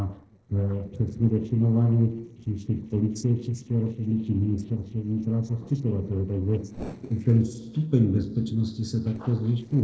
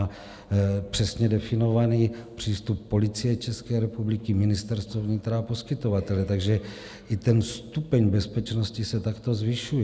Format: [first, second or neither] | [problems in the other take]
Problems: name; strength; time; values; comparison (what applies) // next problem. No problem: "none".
second | noise reduction (neural separator model SepFormer DNS4)